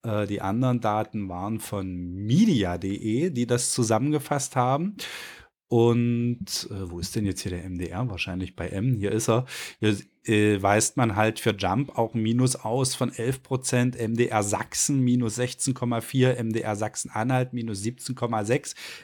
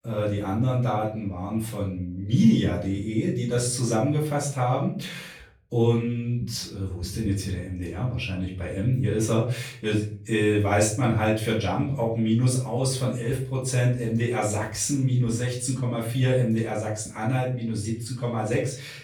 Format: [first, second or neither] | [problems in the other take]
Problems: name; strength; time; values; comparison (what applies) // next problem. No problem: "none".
first | off-mic speech; far // room echo; slight; dies away in 0.4 s